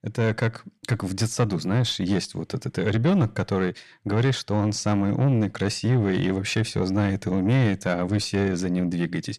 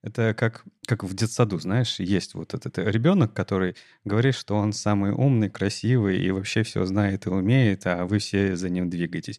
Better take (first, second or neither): second